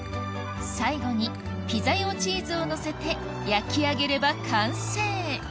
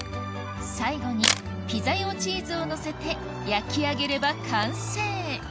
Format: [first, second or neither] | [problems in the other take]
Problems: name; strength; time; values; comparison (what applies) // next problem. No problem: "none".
first | background sound (Camera); 8 dB below the speech